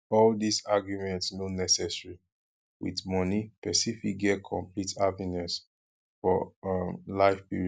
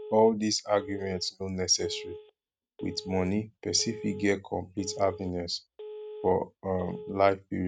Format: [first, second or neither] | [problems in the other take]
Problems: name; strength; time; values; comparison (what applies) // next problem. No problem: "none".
first | noise reduction (neural mask model RNNoise)